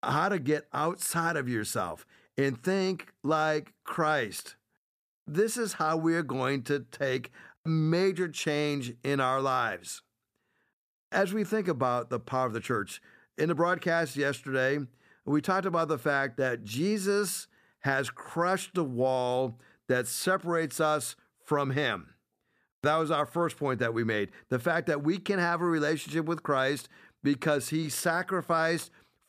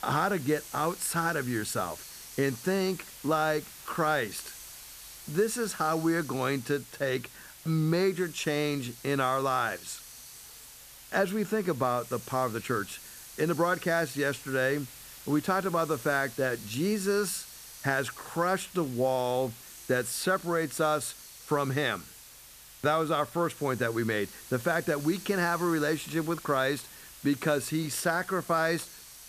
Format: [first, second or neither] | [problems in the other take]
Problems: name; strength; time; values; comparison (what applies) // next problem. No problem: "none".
first | hiss; noticeable; throughout; 15 dB below the speech